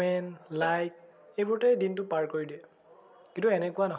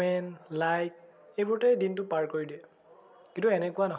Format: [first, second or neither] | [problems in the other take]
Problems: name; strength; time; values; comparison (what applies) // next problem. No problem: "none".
second | background sound (Cowbell); 19 dB below the speech